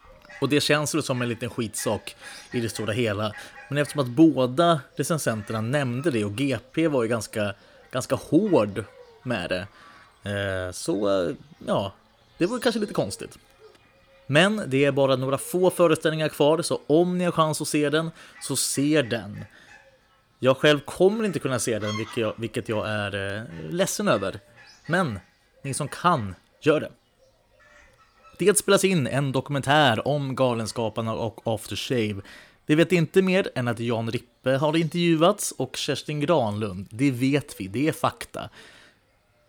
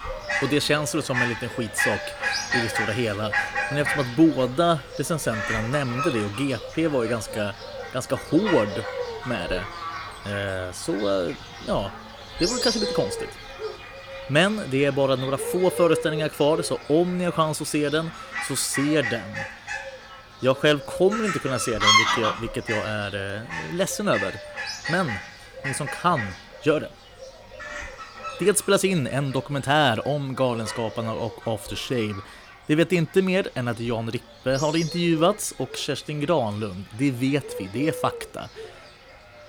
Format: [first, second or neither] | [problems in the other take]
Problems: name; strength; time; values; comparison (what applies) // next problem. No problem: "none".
first | animal sounds; loud; throughout; 5 dB below the speech; faint in the first